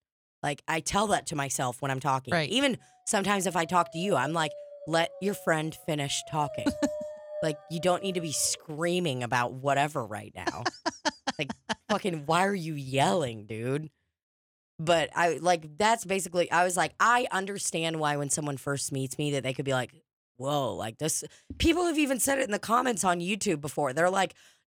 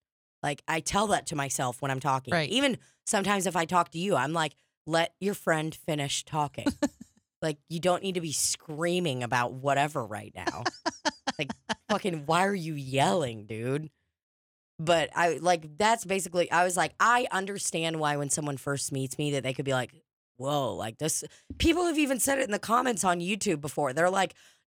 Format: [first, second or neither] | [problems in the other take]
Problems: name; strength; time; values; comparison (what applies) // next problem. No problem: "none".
second | dog barking; noticeable; from 3.5 to 8.5 s; peak 8 dB below the speech